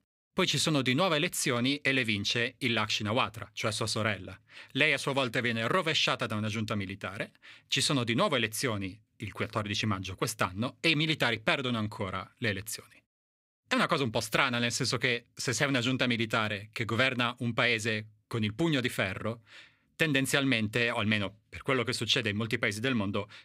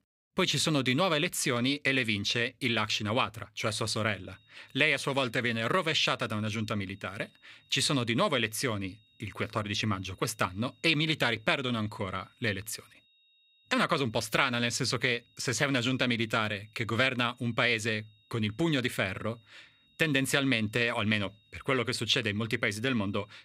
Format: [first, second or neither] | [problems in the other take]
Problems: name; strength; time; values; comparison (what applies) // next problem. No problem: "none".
first | high-pitched whine; faint; from 3.5 s on; 3.5 kHz, 35 dB below the speech